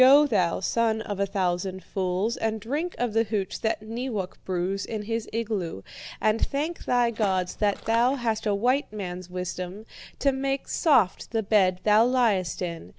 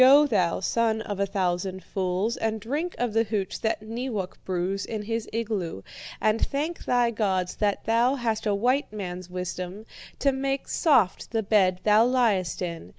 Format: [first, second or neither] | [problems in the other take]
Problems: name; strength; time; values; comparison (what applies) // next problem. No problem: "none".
second | background sound (Walk, footsteps); 17 dB below the speech